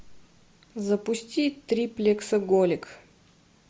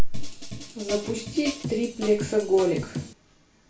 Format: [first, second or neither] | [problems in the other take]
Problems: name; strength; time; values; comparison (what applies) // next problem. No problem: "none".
first | background sound (Drum kit); 11 dB below the speech // room echo; dies away in 0.3 s